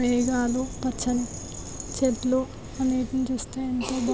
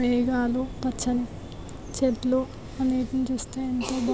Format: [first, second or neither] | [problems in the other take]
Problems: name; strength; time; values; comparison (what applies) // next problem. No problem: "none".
second | background sound (Rattle); 17 dB below the speech